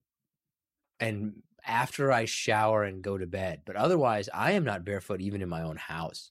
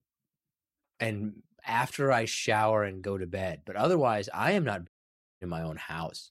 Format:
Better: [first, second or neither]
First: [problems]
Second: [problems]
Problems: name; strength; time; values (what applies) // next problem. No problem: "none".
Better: first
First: none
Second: audio cutting out; at 5 s for 0.5 s